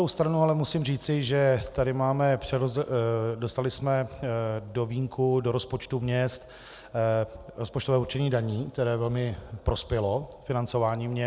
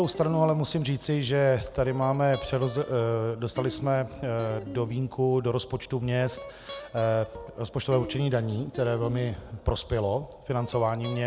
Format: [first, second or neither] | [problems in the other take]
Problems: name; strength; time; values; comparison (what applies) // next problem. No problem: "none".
first | background sound (Guitar); 16 dB below the speech